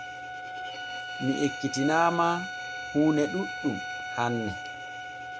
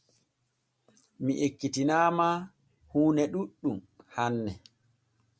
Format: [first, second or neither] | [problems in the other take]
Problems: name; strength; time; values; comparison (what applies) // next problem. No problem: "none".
second | background sound (Bowed string instrument); 7 dB below the speech